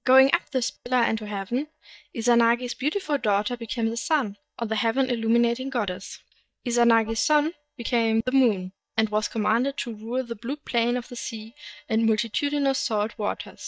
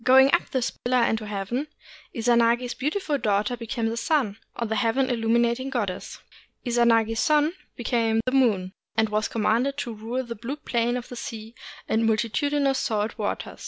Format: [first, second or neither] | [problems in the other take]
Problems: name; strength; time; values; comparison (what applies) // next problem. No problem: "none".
second | noise reduction (neural mask model DeepFilterNet 3)